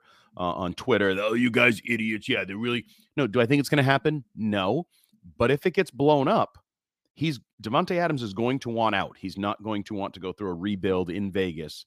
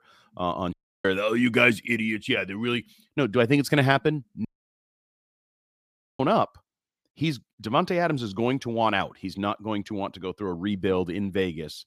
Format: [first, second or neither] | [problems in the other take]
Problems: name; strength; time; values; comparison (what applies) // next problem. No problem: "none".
first | audio cutting out; at 0.5 s and at 4.5 s for 1.5 s